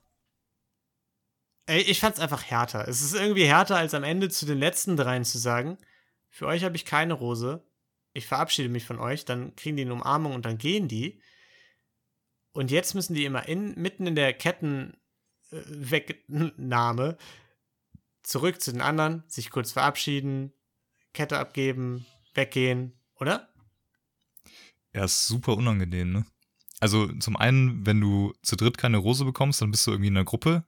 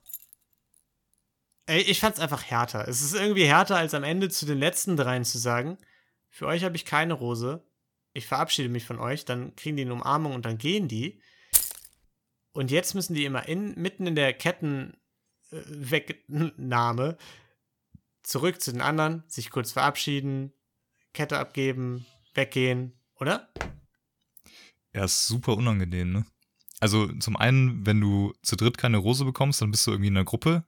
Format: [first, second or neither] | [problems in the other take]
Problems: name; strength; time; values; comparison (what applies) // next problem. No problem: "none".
first | jangling keys; faint; at the start; peak 15 dB below the speech // jangling keys; loud; at 12 s; peak 4 dB above the speech // footsteps; faint; at 24 s; peak 10 dB below the speech